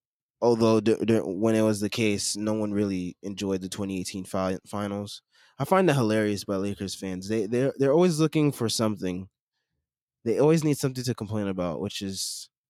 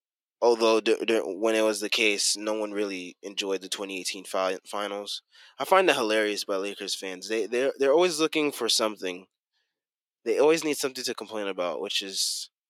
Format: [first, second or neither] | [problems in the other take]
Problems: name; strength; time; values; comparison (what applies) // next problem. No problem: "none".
first | thin; somewhat; fading below 350 Hz